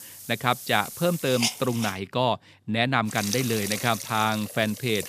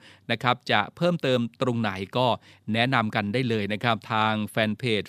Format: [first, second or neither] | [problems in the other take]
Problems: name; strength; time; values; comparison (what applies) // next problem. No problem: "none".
second | hiss; loud; until 2 s and from 3 s on; 7 dB below the speech